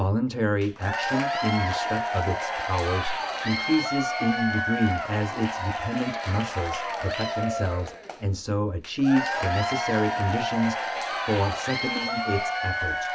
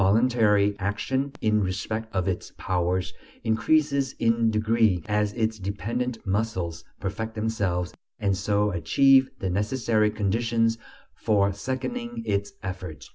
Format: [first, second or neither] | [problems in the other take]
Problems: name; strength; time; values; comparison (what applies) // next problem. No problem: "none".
second | background sound (Applause / Crowd / Cheering); 2 dB below the speech